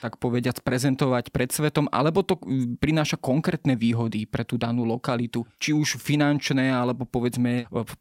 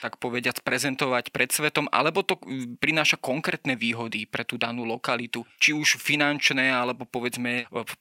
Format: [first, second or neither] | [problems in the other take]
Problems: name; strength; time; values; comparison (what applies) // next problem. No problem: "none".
first | thin; somewhat; fading below 700 Hz